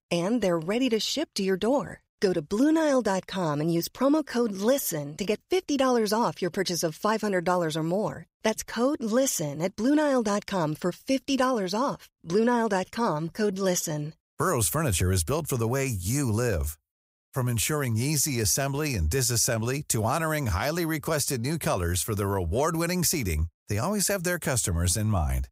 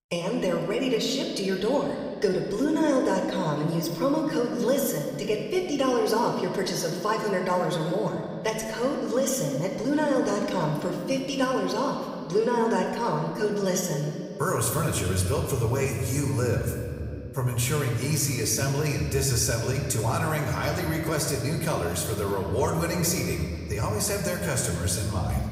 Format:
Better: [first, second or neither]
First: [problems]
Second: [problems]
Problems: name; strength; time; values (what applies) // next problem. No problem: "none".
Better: first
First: none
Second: room echo; noticeable; dies away in 2.5 s // off-mic speech; somewhat distant